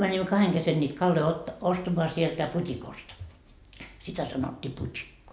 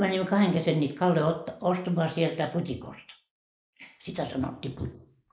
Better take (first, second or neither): first